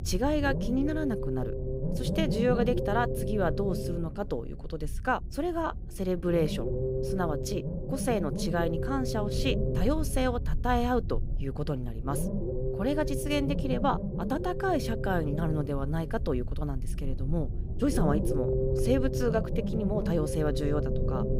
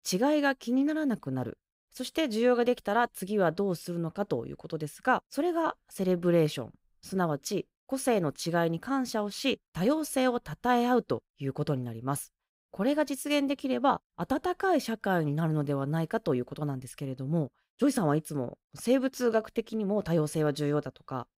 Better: second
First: low rumble; loud; throughout; 5 dB below the speech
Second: none

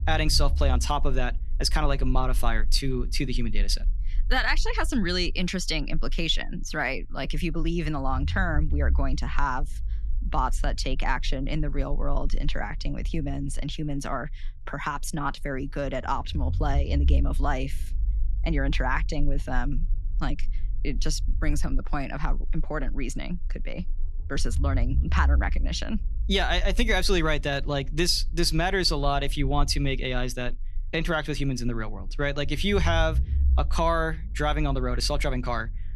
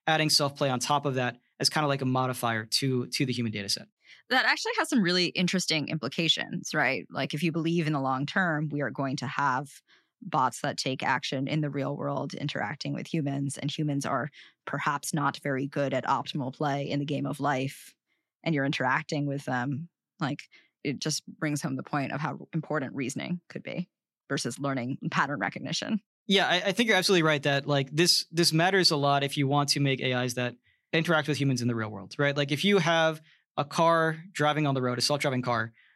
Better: second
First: low rumble; faint; throughout; 25 dB below the speech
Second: none

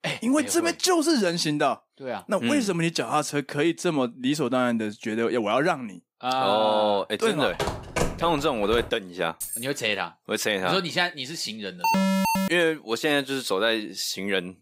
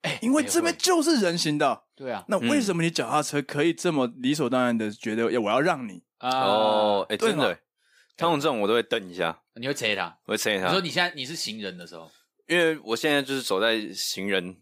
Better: second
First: phone ringing; noticeable; from 7.5 to 9 s; peak 3 dB below the speech // jangling keys; noticeable; at 9.5 s; peak 7 dB below the speech // alarm; loud; at 12 s; peak 3 dB above the speech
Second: none

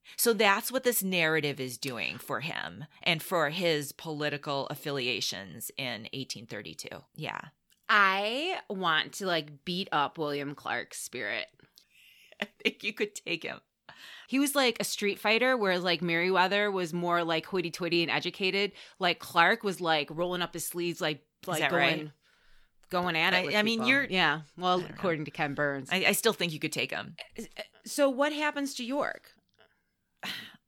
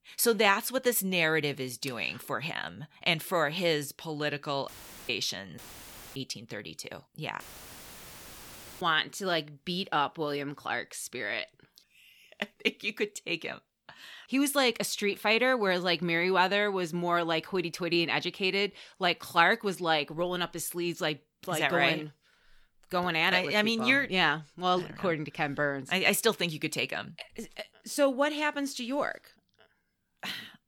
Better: first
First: none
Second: audio cutting out; filled with static; at 4.5 s, at 5.5 s for 0.5 s and at 7.5 s for 1.5 s

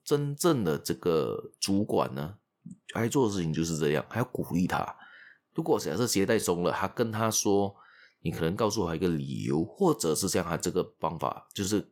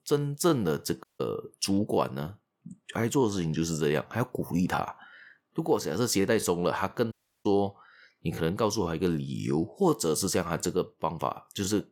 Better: first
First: none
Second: audio cutting out; at 1 s and at 7 s

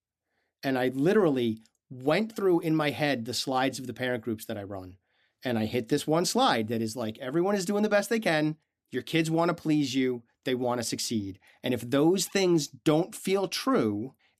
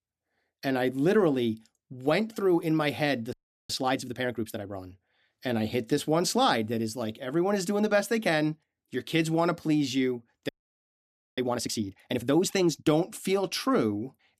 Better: first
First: none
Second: audio freezing; at 3.5 s and at 10 s for 1 s

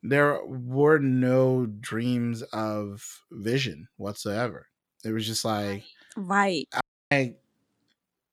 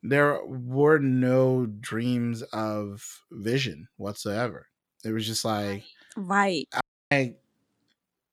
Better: neither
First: audio cutting out; at 7 s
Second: audio cutting out; at 7 s

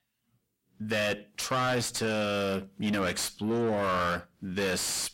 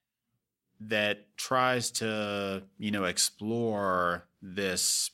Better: second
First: distortion; heavy; 6 dB below the speech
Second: none

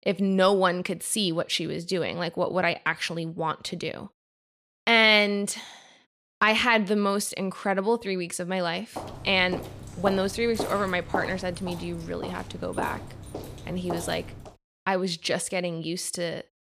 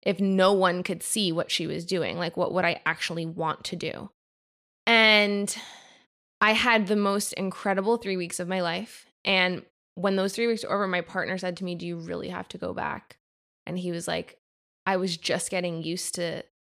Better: second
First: footsteps; noticeable; from 9 to 14 s; peak 6 dB below the speech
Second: none

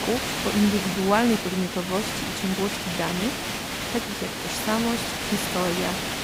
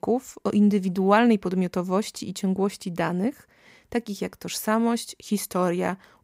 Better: second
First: hiss; loud; throughout; 1 dB below the speech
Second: none

